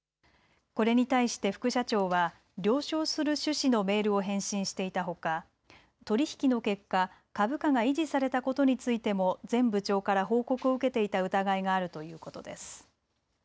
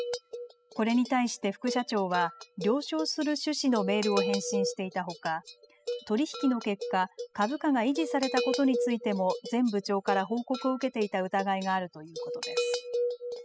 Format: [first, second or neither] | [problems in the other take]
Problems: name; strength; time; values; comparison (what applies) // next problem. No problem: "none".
first | noise reduction (classical method spectral subtraction)